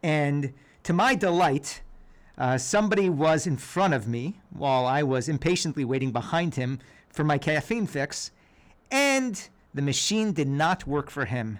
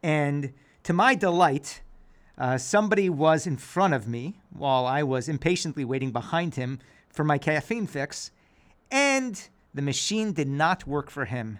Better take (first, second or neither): second